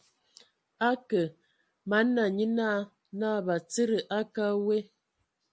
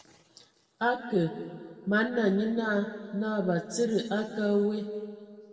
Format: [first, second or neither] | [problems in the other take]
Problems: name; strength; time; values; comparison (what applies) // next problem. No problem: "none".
first | room echo; dies away in 2 s